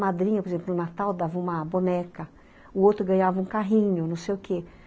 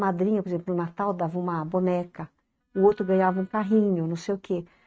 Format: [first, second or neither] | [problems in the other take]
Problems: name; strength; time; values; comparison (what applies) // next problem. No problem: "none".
first | noise reduction (neural mask model RNNoise)